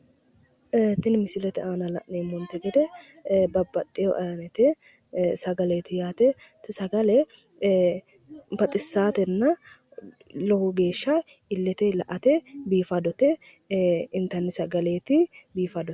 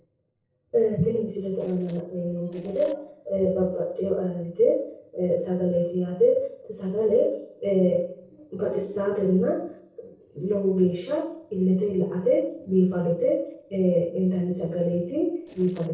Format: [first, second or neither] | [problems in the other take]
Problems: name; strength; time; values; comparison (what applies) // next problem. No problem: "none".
first | noise reduction (neural separator model SepFormer DNS4)